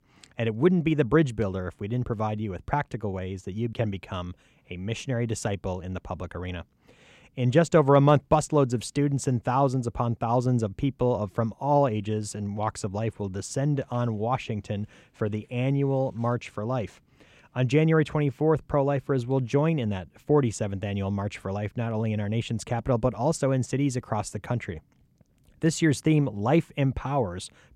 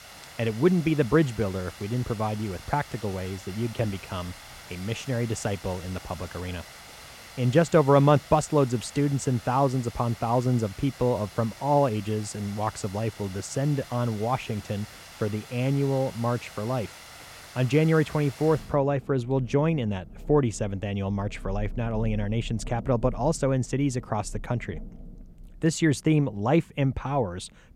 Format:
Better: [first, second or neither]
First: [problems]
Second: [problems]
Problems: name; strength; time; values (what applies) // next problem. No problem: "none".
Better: first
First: none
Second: rain or running water; noticeable; throughout; 15 dB below the speech